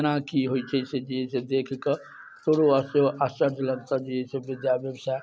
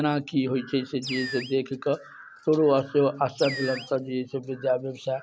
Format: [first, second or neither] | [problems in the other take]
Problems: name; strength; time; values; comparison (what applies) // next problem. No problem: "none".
first | background sound (Animal); 12 dB below the speech